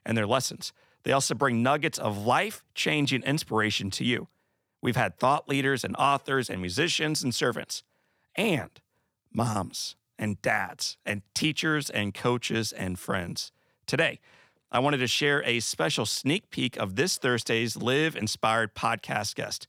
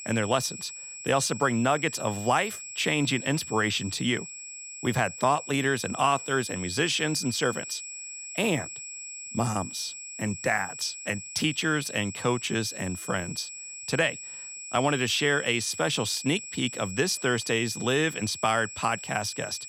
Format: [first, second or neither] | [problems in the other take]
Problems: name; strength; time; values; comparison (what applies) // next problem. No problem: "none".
first | high-pitched whine; loud; throughout; 7.5 kHz, 10 dB below the speech